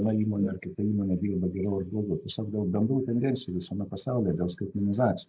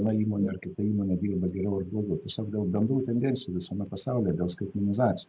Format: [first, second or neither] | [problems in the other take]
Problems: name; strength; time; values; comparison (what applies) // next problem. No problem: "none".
second | noise reduction (neural mask model Resemble Enhance denoiser)